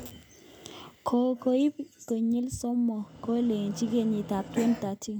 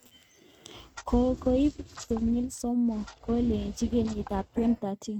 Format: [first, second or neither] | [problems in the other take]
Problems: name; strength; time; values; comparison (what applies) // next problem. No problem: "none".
first | noise reduction (neural mask model RNNoise)